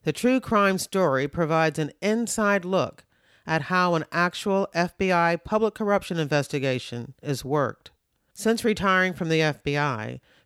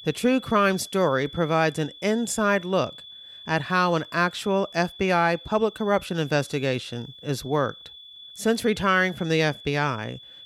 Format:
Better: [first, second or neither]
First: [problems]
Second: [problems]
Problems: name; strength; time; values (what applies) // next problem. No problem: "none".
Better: first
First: none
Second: high-pitched whine; noticeable; throughout; 3.5 kHz, 20 dB below the speech